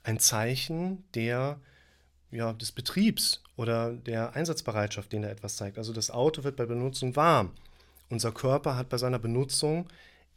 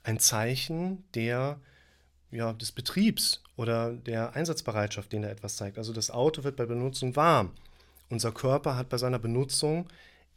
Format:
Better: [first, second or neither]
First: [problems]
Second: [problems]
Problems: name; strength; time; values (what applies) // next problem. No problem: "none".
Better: neither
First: none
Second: none